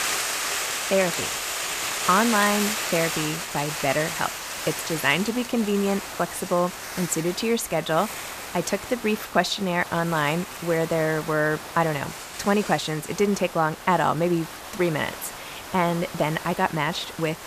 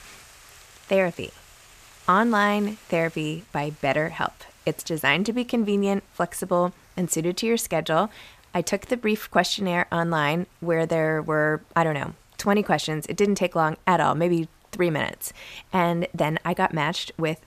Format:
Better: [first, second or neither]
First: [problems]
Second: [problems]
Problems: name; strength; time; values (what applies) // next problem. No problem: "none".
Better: second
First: hiss; loud; throughout; 6 dB below the speech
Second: hiss; faint; throughout; 30 dB below the speech